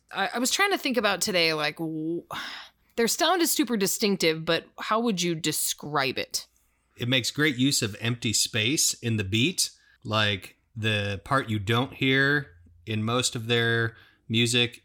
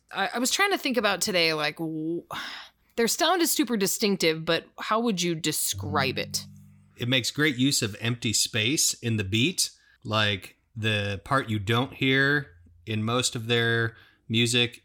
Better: first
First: none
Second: phone ringing; noticeable; at 5.5 s; peak 9 dB below the speech

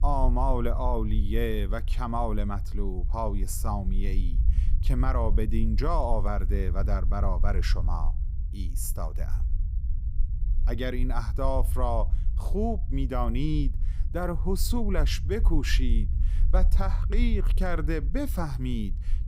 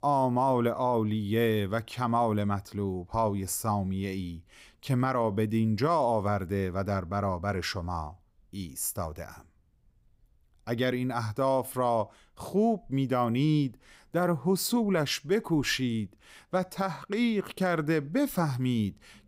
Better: second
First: low rumble; noticeable; throughout; 15 dB below the speech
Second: none

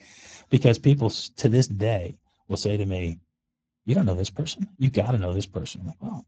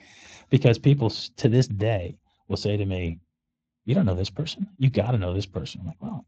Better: second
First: garbled, watery; badly; nothing above 7.5 kHz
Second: garbled, watery; slightly

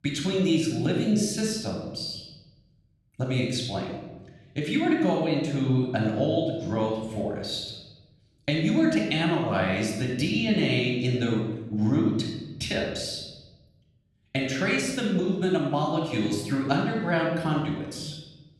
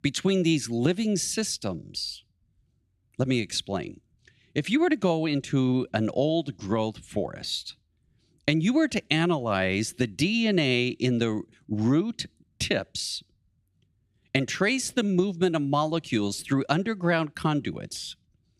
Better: second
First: off-mic speech; somewhat distant // room echo; noticeable; dies away in 1 s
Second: none

